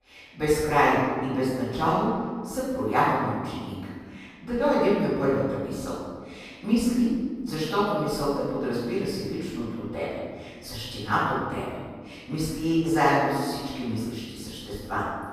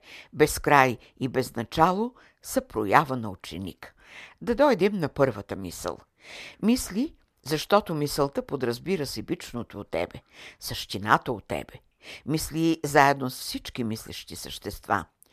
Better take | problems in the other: second | room echo; strong; dies away in 1.6 s // off-mic speech; far

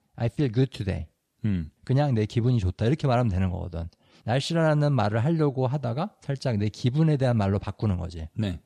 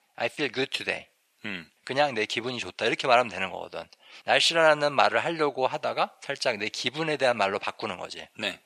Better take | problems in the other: first | thin; very; fading below 650 Hz

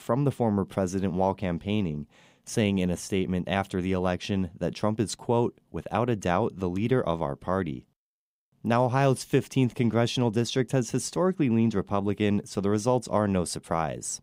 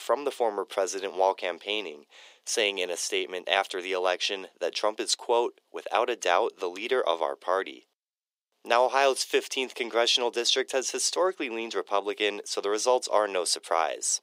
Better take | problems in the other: first | thin; very; fading below 400 Hz

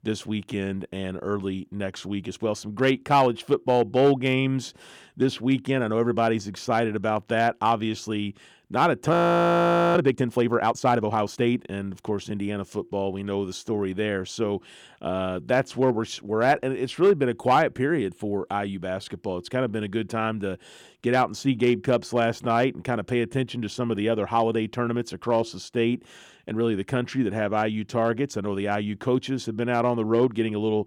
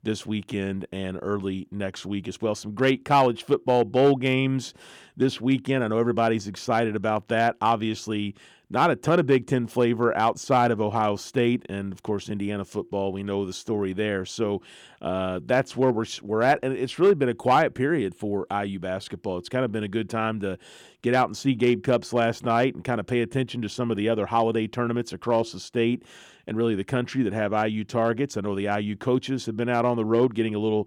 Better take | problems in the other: second | audio freezing; at 9 s for 1 s

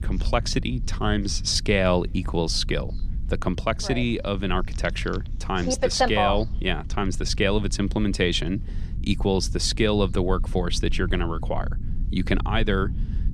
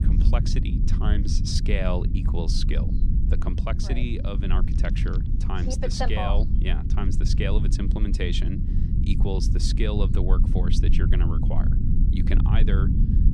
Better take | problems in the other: first | low rumble; loud; throughout; 5 dB below the speech; faint in the first

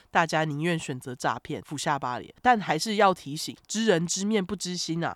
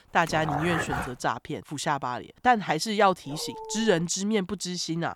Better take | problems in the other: first | dog barking; noticeable; at 0.5 s; peak 3 dB below the speech // dog barking; faint; at 3.5 s; peak 10 dB below the speech

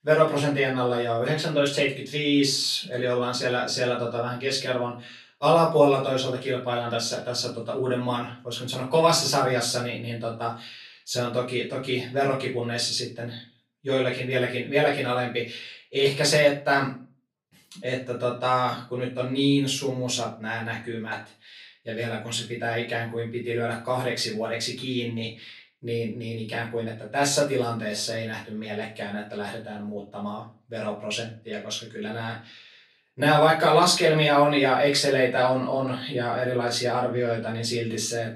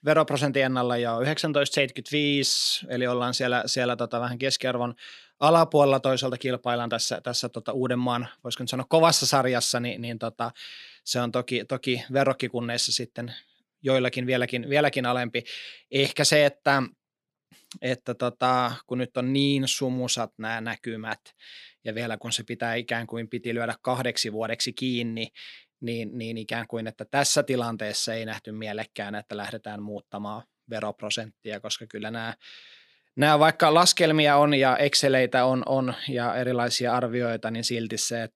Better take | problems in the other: second | off-mic speech; far // room echo; slight; dies away in 0.3 s

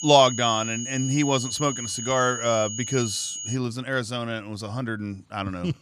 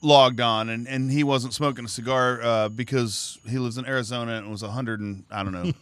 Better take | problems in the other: second | high-pitched whine; loud; until 3.5 s; 6.5 kHz, 6 dB below the speech; faint in the second

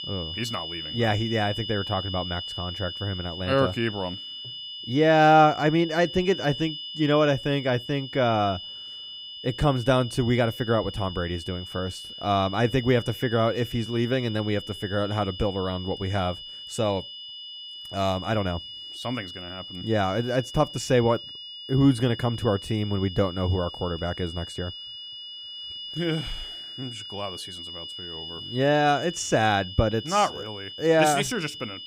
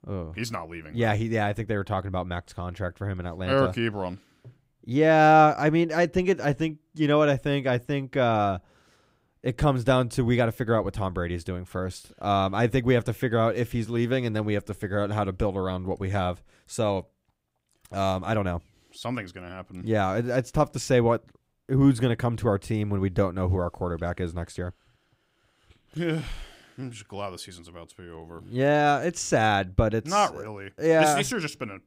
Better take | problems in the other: second | high-pitched whine; noticeable; throughout; 3 kHz, 10 dB below the speech

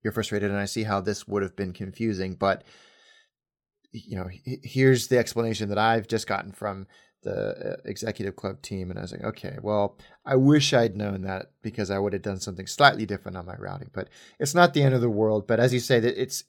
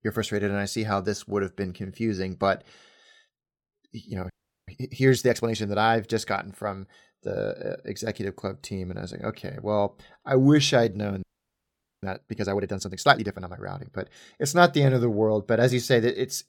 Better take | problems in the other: first | audio freezing; at 4.5 s and at 11 s for 1 s

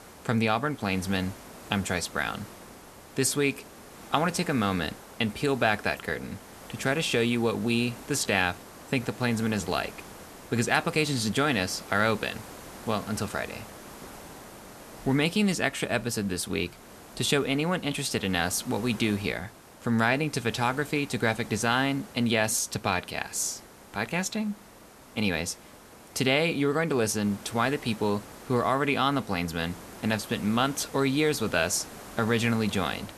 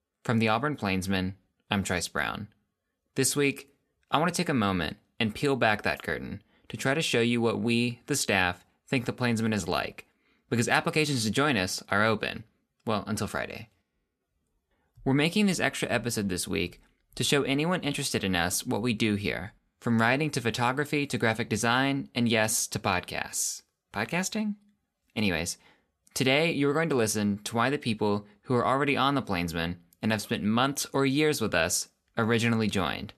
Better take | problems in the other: second | hiss; noticeable; throughout; 20 dB below the speech

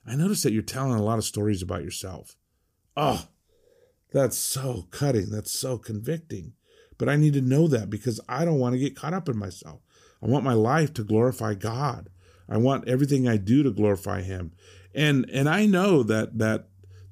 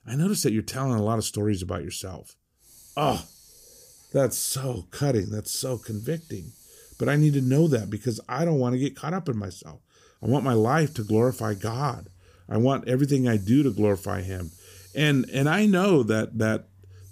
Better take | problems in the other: first | hiss; faint; from 2.5 to 8 s and from 10 s on; 25 dB below the speech

